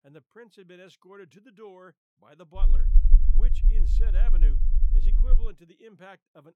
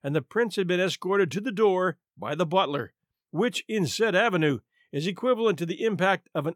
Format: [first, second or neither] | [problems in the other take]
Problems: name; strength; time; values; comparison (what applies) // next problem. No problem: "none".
second | low rumble; loud; from 2.5 to 5.5 s; 3 dB below the speech